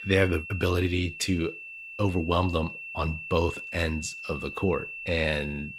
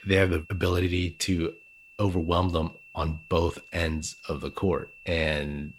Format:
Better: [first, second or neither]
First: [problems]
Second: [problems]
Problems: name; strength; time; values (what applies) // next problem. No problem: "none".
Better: second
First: high-pitched whine; loud; throughout; 2.5 kHz, 9 dB below the speech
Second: high-pitched whine; faint; throughout; 2.5 kHz, 20 dB below the speech